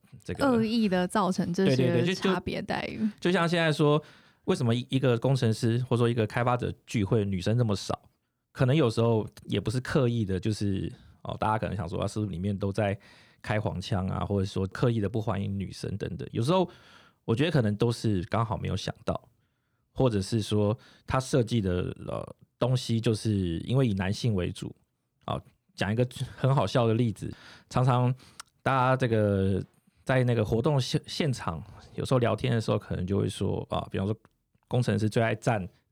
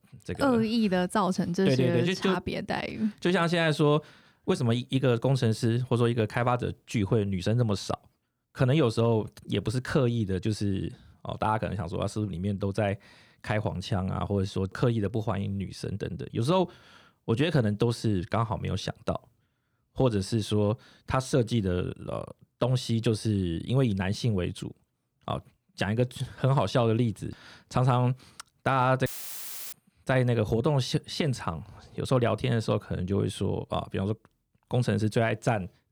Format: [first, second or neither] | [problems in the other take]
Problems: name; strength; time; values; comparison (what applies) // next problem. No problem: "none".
first | audio cutting out; filled with static; at 29 s for 0.5 s